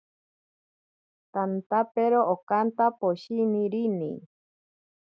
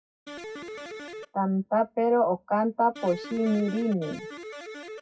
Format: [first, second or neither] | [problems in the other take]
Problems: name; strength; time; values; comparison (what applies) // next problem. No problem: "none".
first | noise reduction (classical method WPE with log-MMSE)